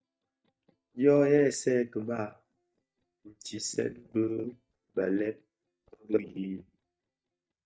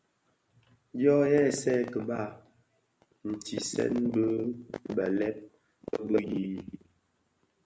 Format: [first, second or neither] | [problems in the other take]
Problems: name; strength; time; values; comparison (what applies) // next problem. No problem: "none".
second | noise reduction (neural mask model DeepFilterNet 3)